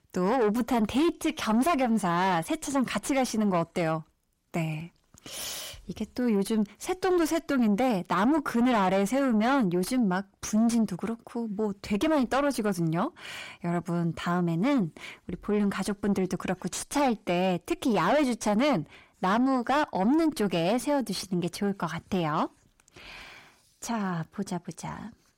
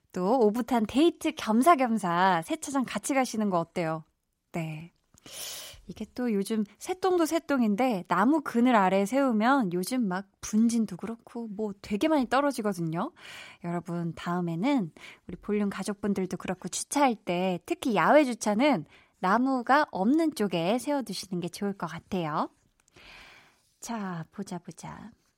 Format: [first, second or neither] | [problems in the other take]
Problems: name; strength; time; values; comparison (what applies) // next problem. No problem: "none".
second | distortion; heavy; 7 dB below the speech